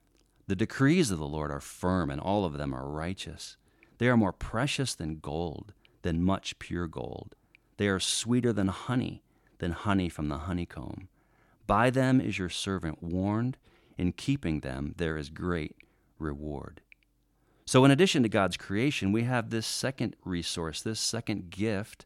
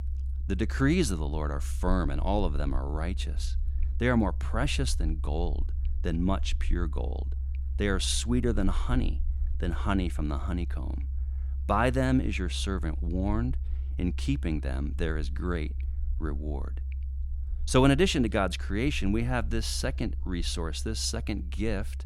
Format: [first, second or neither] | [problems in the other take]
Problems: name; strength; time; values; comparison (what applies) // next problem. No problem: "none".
first | low rumble; faint; throughout; 20 dB below the speech